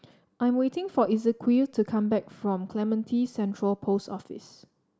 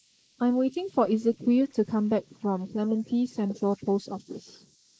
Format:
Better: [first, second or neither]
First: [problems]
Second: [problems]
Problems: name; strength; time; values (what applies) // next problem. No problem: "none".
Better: first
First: none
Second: noise reduction (neural mask model Resemble Enhance denoiser)